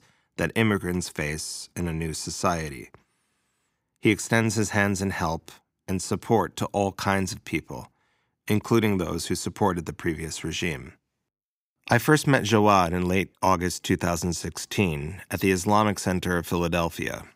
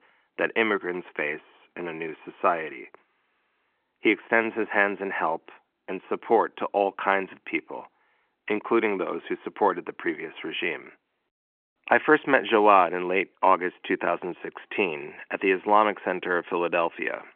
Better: first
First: none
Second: phone-call audio

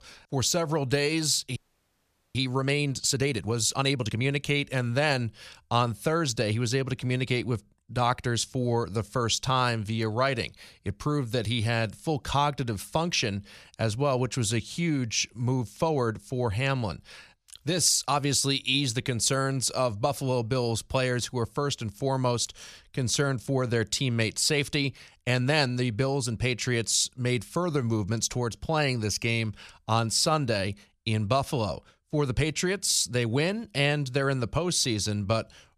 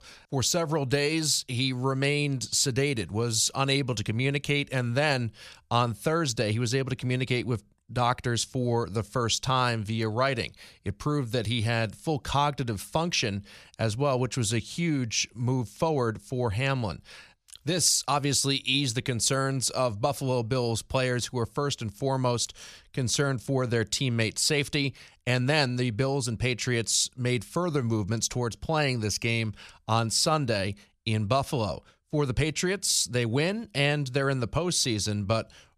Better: second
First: audio freezing; at 1.5 s for 1 s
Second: none

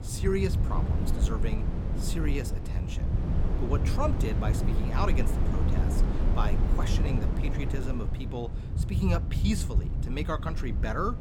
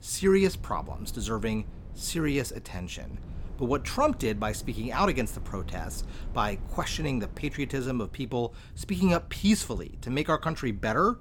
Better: second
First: low rumble; loud; throughout; 4 dB below the speech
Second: low rumble; faint; throughout; 25 dB below the speech

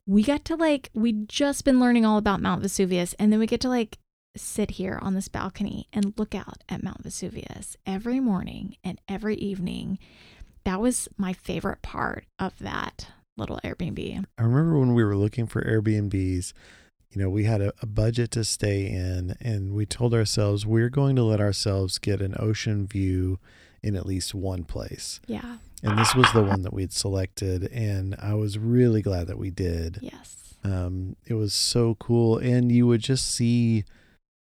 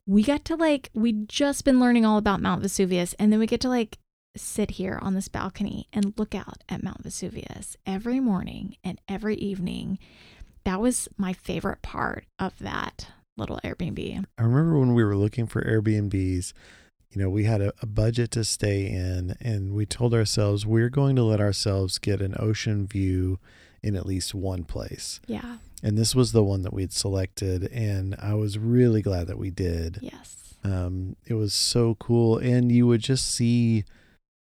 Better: second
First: phone ringing; loud; at 26 s; peak 5 dB above the speech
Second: none

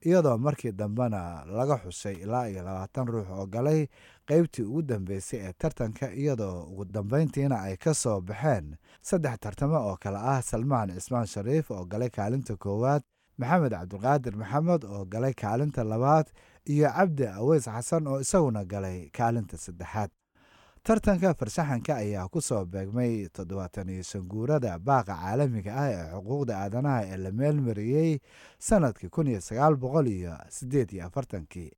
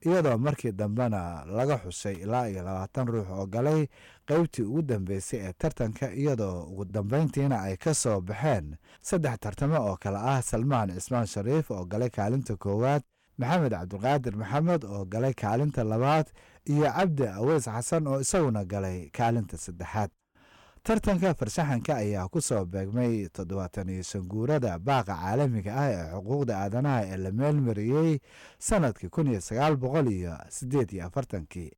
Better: first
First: none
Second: distortion; slight; 6% of the sound clipped

